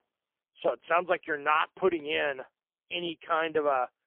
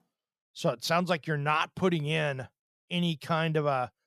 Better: second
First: phone-call audio; poor line; nothing above 3.5 kHz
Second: none

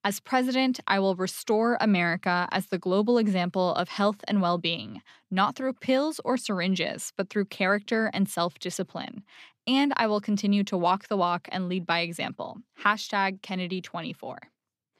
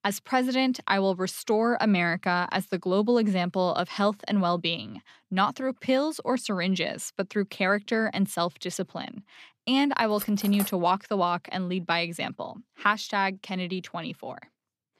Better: first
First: none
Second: clattering dishes; noticeable; at 10 s; peak 8 dB below the speech

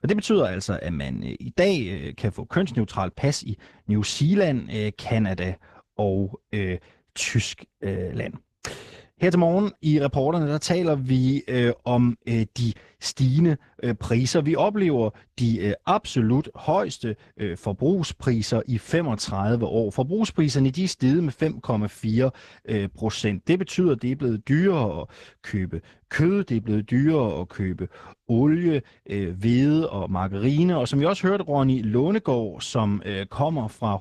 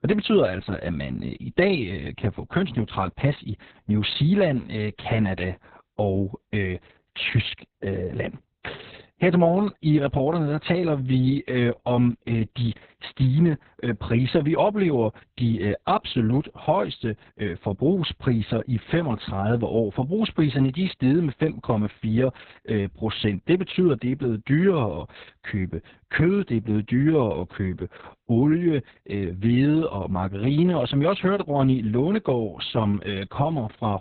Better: first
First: garbled, watery; slightly; nothing above 11.5 kHz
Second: garbled, watery; badly; nothing above 4 kHz

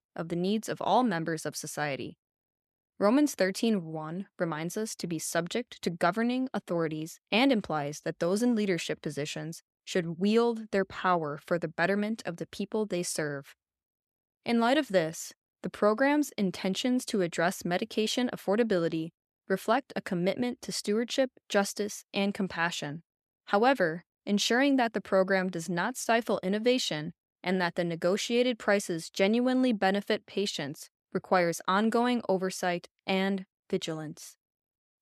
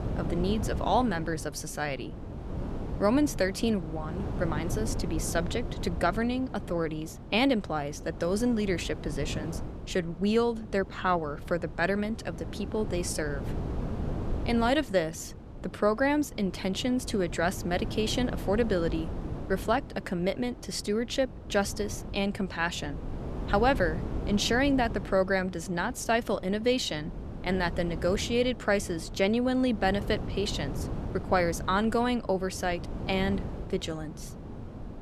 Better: first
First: none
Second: wind noise on the microphone; occasional gusts; 15 dB below the speech

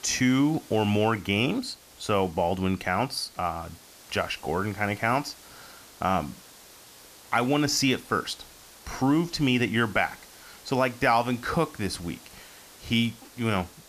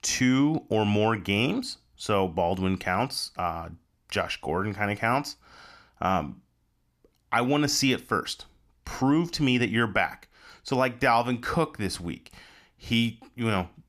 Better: second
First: hiss; faint; throughout; 20 dB below the speech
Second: none

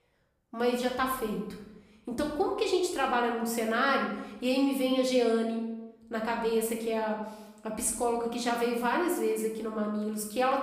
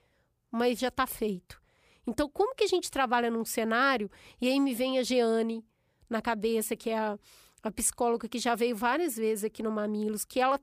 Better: second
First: room echo; noticeable; dies away in 0.8 s // off-mic speech; somewhat distant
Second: none

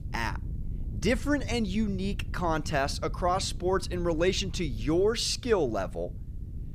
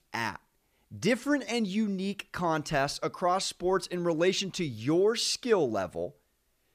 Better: second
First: wind noise on the microphone; occasional gusts; 20 dB below the speech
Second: none

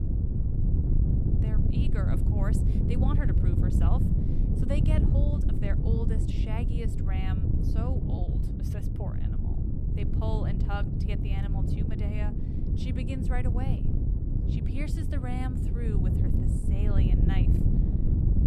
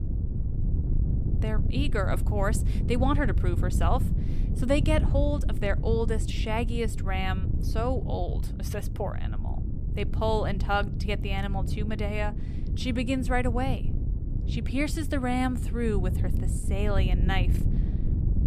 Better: second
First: wind noise on the microphone; heavy; 1 dB above the speech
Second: wind noise on the microphone; occasional gusts; 10 dB below the speech

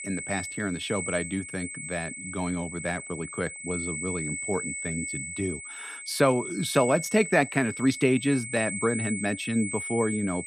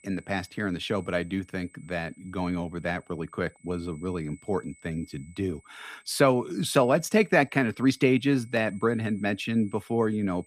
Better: second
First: high-pitched whine; loud; throughout; 2 kHz, 6 dB below the speech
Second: high-pitched whine; faint; throughout; 2 kHz, 30 dB below the speech

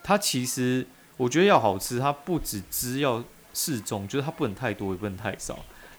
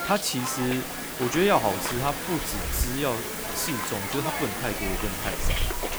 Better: first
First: hiss; faint; throughout; 25 dB below the speech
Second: hiss; loud; throughout; 1 dB below the speech

